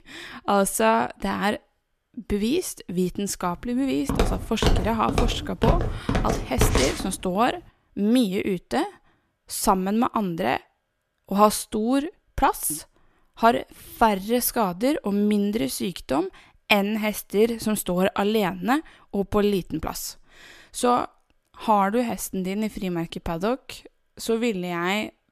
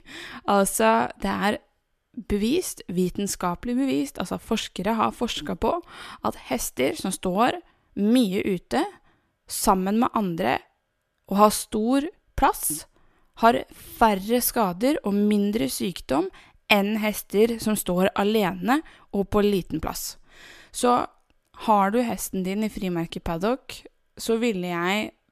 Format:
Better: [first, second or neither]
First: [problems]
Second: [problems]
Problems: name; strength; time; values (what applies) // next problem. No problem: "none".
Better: second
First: footsteps; loud; from 4 to 7 s; peak 2 dB above the speech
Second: none